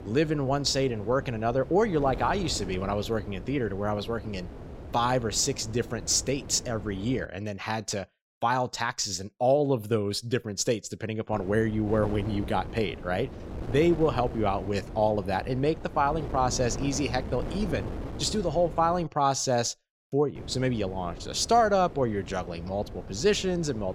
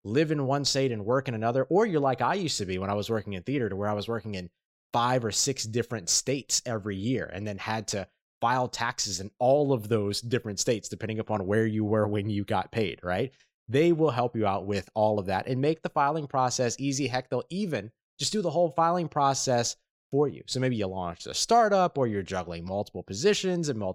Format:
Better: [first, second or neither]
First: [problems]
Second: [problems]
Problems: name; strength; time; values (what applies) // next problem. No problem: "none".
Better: second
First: wind noise on the microphone; occasional gusts; until 7.5 s, from 11 to 19 s and from 20 s on; 15 dB below the speech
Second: none